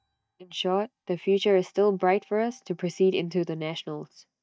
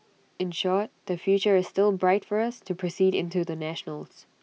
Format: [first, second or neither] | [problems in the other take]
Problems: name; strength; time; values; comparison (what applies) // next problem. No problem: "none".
second | noise reduction (neural mask model DeepFilterNet 3)